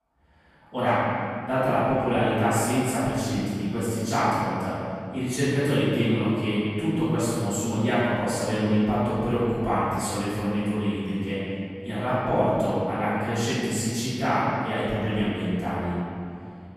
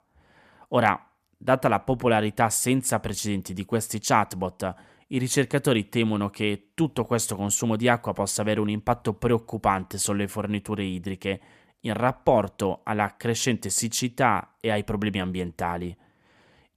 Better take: second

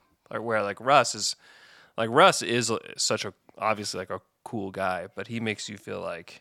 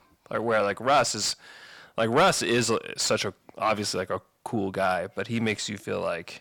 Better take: first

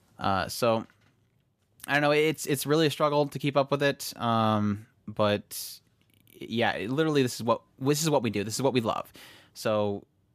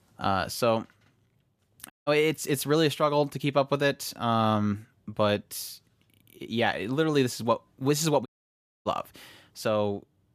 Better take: first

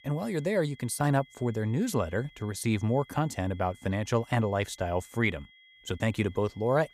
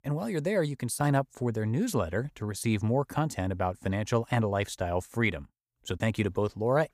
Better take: second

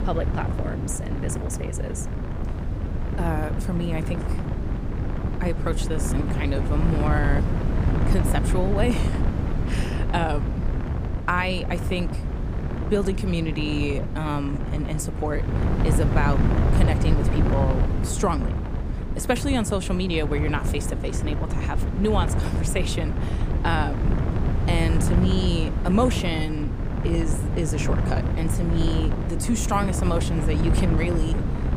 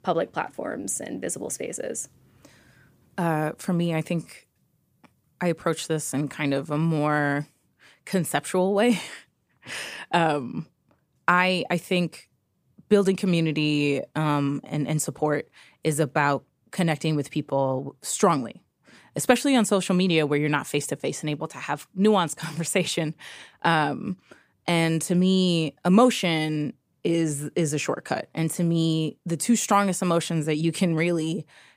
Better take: second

